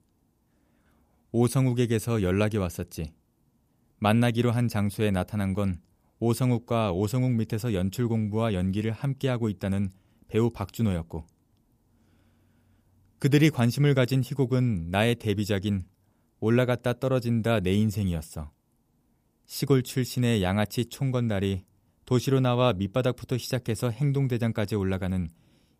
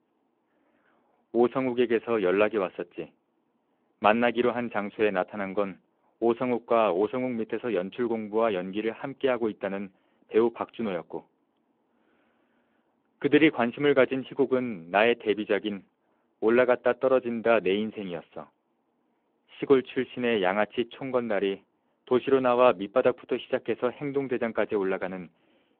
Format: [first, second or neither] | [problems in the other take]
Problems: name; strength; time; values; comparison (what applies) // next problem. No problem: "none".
first | phone-call audio